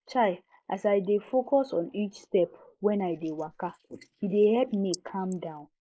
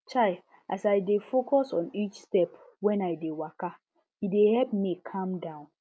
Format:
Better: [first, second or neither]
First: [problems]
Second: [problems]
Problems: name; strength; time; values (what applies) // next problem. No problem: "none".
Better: second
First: noise reduction (neural mask model Resemble Enhance denoiser)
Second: none